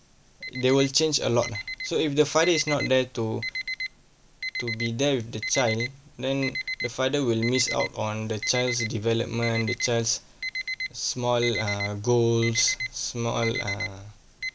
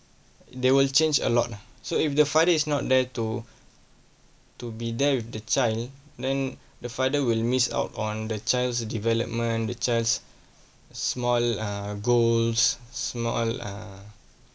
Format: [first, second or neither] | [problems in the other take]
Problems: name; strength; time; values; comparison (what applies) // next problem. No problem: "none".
second | background sound (Alarm); 8 dB below the speech